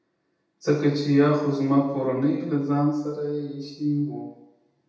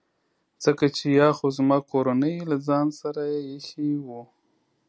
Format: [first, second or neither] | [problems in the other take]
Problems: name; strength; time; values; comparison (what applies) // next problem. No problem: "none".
second | room echo; dies away in 0.8 s